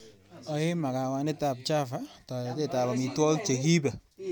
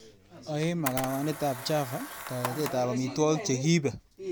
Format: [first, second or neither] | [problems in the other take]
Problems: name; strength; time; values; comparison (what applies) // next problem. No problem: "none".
first | background sound (Camera); 12 dB below the speech